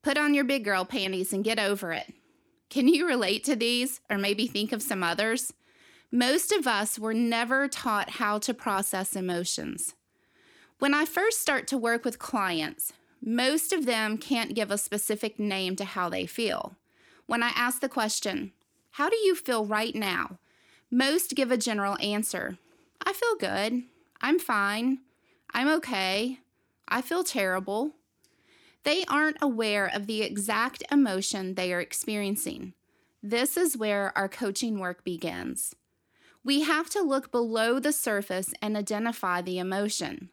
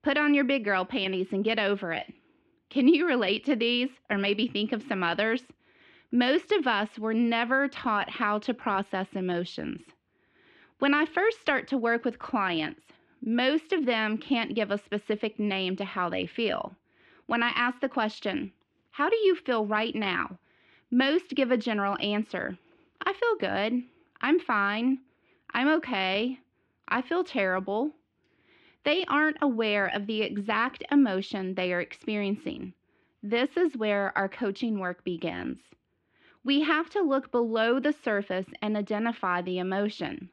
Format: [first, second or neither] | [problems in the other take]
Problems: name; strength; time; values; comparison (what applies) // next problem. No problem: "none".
first | muffled; slightly; fading above 3 kHz